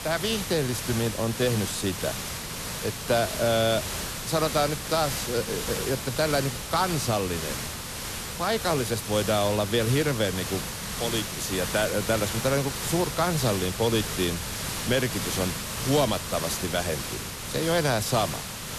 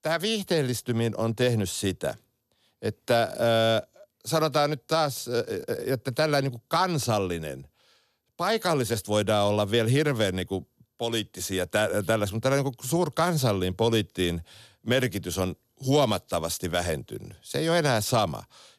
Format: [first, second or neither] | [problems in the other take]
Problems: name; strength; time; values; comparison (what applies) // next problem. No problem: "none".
second | hiss; loud; throughout; 4 dB below the speech